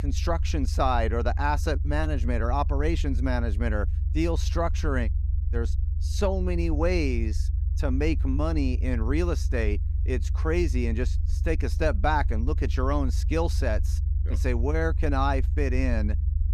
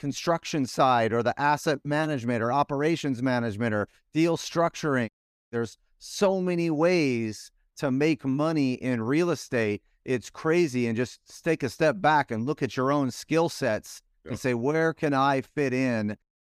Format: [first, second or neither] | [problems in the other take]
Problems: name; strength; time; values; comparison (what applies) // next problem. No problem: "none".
second | low rumble; noticeable; throughout; 15 dB below the speech